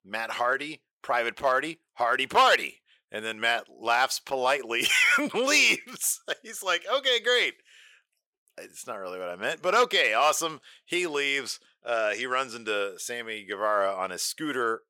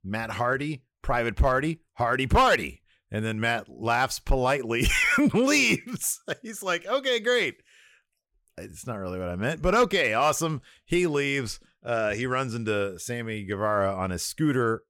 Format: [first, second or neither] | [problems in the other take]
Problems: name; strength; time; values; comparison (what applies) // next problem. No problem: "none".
second | thin; somewhat; fading below 500 Hz